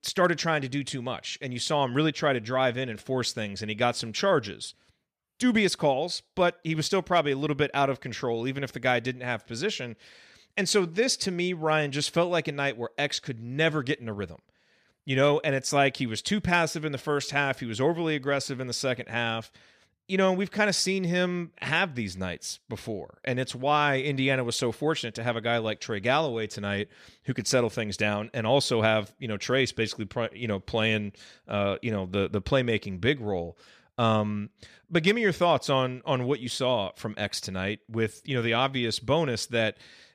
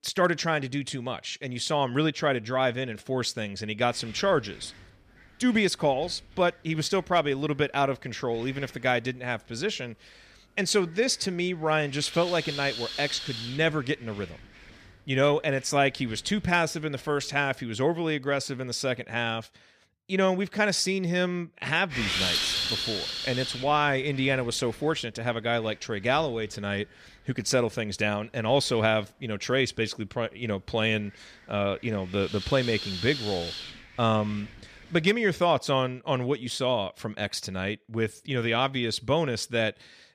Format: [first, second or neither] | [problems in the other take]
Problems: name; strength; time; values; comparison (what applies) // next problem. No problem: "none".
first | wind noise on the microphone; heavy; from 4 to 17 s and from 22 to 35 s; 4 dB below the speech